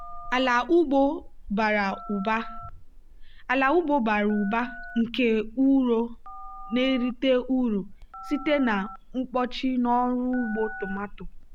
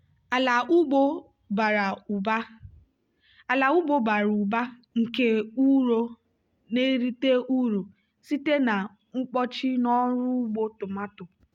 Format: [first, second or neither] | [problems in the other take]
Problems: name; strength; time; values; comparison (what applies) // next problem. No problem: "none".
second | background sound (Telephone); 14 dB below the speech